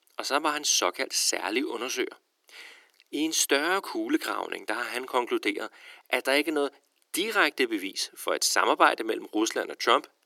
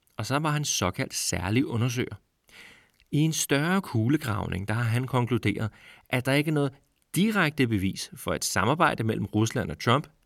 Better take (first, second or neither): second